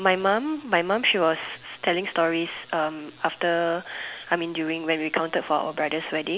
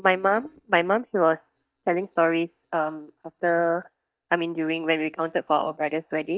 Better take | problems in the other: first | noise reduction (neural mask model DeepFilterNet 3)

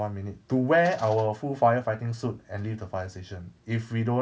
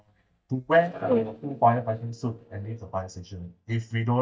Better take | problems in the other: first | noise reduction (neural mask model DeepFilterNet 3)

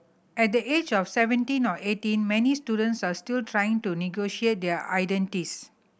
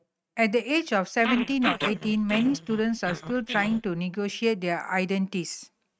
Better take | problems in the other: first | noise reduction (neural mask model RNNoise)

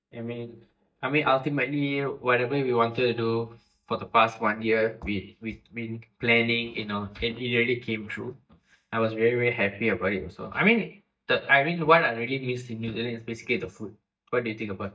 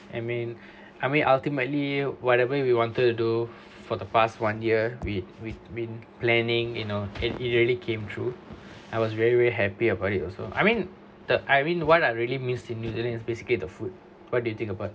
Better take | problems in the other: second | noise reduction (neural mask model DeepFilterNet 3)

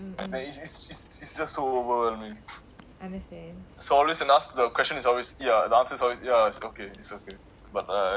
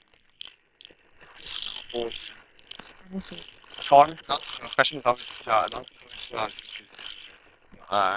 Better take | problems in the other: first | noise reduction (neural separator model SepFormer WHAM!)

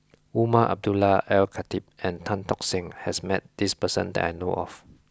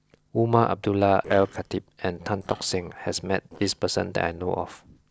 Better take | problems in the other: first | noise reduction (neural separator model SepFormer DNS4)

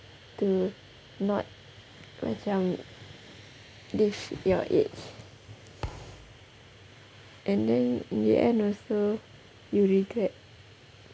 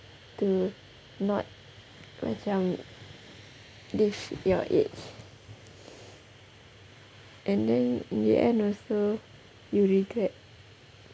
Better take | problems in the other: second | background sound (Thump, thud); 15 dB below the speech

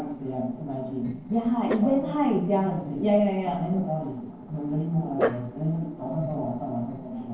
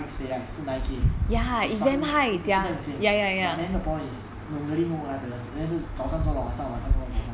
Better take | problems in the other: second | noise reduction (neural separator model SepFormer DNS4)

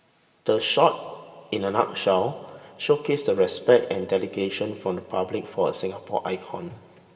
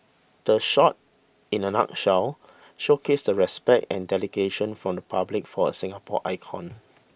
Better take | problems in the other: second | room echo; dies away in 1.9 s

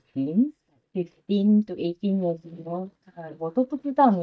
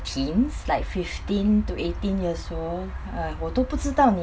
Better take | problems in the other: second | noise reduction (neural mask model DeepFilterNet 3)

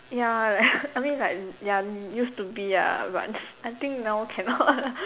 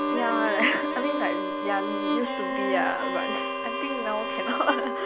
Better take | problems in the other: first | background sound (Bowed string instrument + Wind instrument, woodwind instrument); 1 dB above the speech

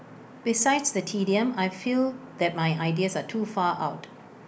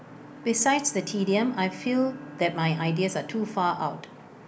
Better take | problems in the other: first | background sound (Bowed string instrument); 18 dB below the speech

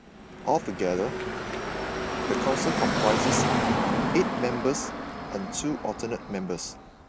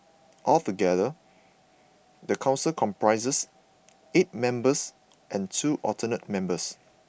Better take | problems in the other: second | background sound (Car passing by / Traffic noise, roadway noise); 1 dB above the speech

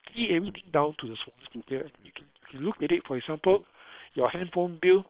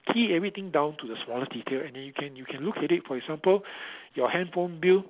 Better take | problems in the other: second | noise reduction (neural separator model SepFormer WHAM!)

